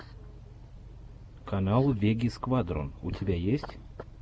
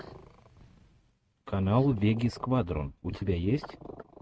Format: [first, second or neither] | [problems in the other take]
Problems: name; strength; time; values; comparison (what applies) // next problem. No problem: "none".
first | noise reduction (neural mask model RNNoise)